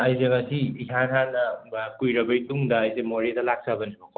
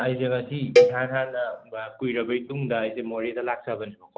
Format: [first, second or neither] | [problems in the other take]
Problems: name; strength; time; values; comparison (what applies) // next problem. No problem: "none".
first | background sound (Cowbell); 4 dB above the speech